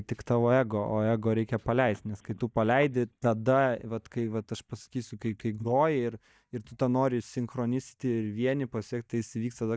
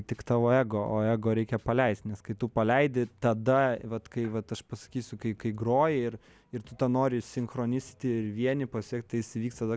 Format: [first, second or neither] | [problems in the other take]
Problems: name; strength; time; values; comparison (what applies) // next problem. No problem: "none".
second | noise reduction (neural mask model DeepFilterNet 3)